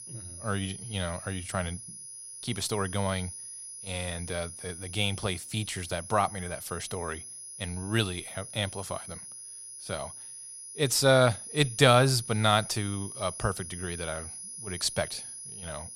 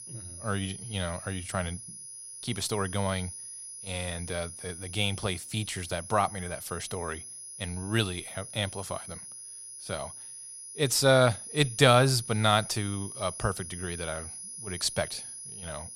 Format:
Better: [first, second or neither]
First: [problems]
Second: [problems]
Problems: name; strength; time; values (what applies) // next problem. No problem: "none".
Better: neither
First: high-pitched whine; noticeable; throughout; 10.5 kHz, 10 dB below the speech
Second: high-pitched whine; noticeable; throughout; 10.5 kHz, 10 dB below the speech